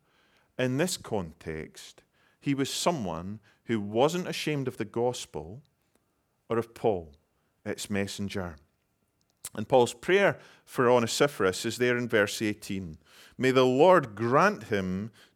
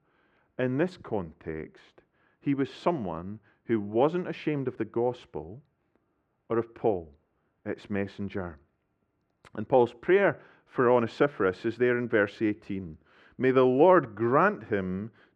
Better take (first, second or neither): first